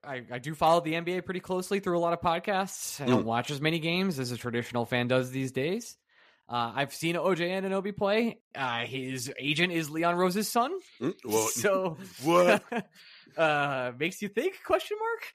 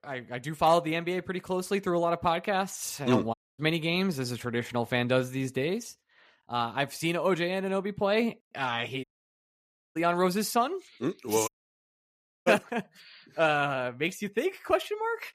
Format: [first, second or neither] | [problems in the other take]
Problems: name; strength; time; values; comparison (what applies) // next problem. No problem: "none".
first | audio cutting out; at 3.5 s, at 9 s for 1 s and at 11 s for 1 s